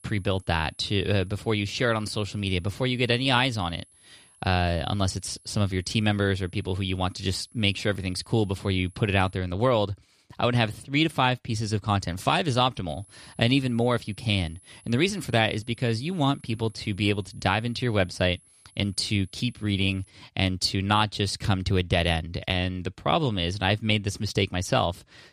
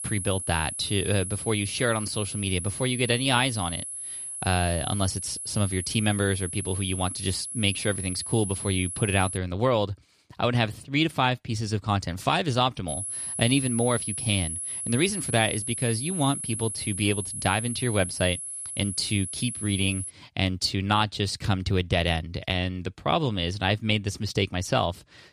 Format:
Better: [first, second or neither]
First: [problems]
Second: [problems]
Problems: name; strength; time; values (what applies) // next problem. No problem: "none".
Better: first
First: high-pitched whine; faint; until 9.5 s and from 13 to 20 s; 10.5 kHz, 30 dB below the speech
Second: high-pitched whine; loud; until 9.5 s and from 13 to 20 s; 10.5 kHz, 5 dB below the speech